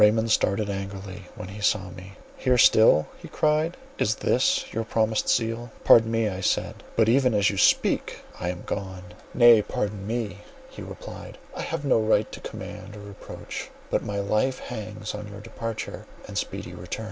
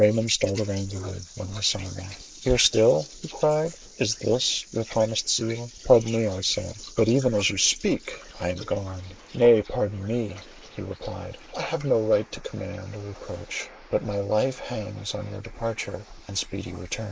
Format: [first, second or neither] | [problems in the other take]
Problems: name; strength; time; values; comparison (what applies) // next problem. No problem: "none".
first | noise reduction (neural mask model Resemble Enhance denoiser)